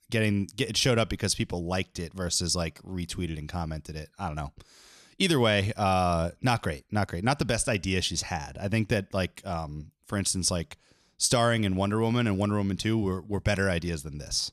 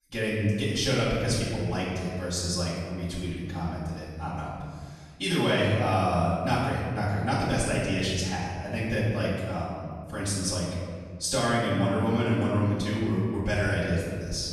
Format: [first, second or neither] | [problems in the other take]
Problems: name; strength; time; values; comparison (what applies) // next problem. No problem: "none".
first | off-mic speech; far // room echo; strong; dies away in 1.7 s